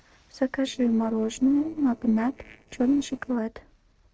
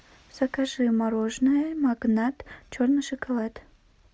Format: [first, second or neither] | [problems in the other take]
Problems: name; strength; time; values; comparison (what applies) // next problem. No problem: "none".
second | noise reduction (neural separator model SepFormer DNS4)